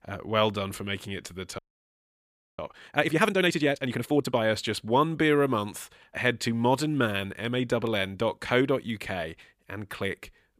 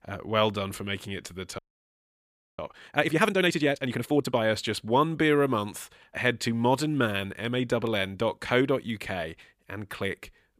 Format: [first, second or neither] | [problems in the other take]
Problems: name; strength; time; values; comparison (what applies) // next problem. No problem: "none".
neither | audio freezing; at 1.5 s for 1 s; the same in both